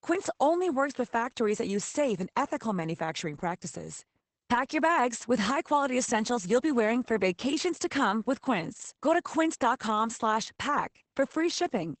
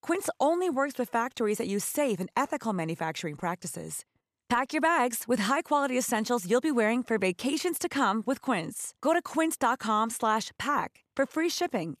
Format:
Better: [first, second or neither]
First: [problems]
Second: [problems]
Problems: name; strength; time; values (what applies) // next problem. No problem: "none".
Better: second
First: garbled, watery; badly; nothing above 8 kHz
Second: none